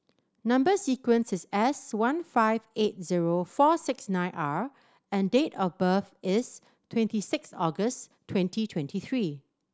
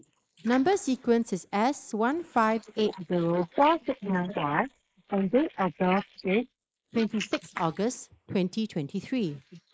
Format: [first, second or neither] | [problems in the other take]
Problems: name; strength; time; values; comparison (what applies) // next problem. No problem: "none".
first | noise reduction (neural mask model Resemble Enhance denoiser)